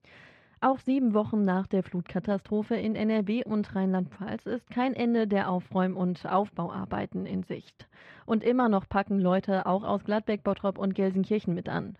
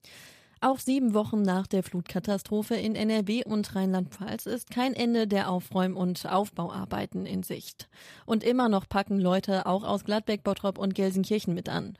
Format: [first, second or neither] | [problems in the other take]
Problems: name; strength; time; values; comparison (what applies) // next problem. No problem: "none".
second | muffled; slightly; fading above 2 kHz